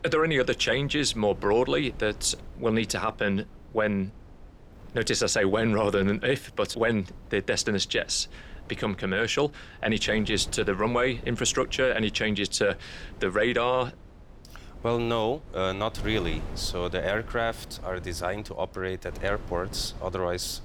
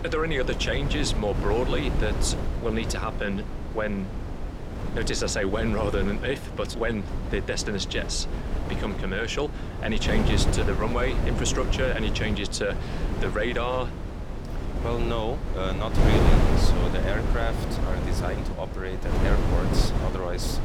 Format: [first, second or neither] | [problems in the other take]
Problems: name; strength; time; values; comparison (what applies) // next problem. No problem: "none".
first | wind noise on the microphone; heavy; 5 dB below the speech; occasional gusts in the first